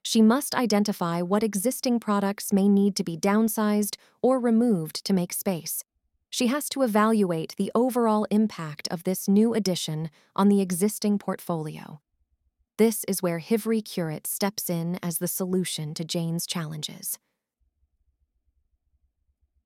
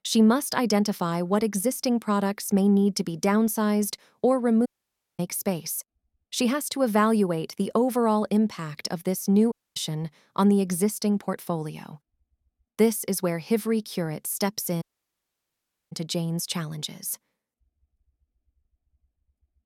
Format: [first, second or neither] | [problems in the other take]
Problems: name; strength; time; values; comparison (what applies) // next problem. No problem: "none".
first | audio cutting out; at 4.5 s for 0.5 s, at 9.5 s and at 15 s for 1 s